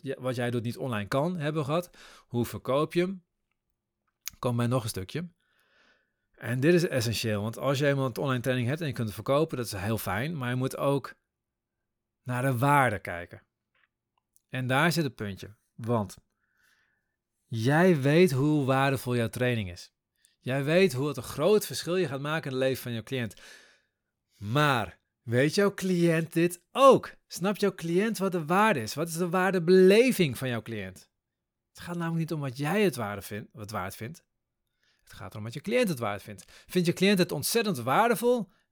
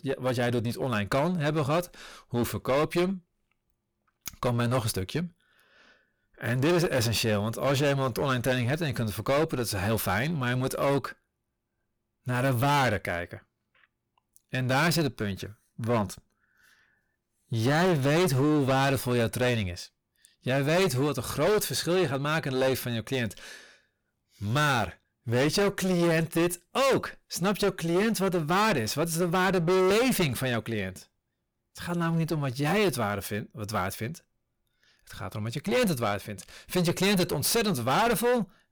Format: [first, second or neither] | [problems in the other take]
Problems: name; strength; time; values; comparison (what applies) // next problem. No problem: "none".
first | distortion; heavy; 17% of the sound clipped